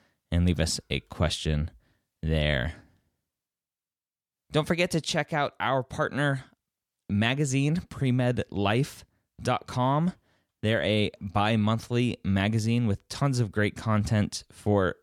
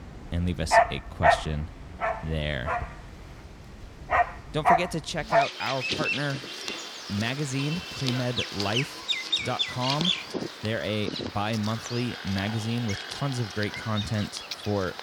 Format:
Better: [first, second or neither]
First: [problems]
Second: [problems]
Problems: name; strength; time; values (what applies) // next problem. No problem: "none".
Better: first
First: none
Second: animal sounds; very loud; throughout; 2 dB above the speech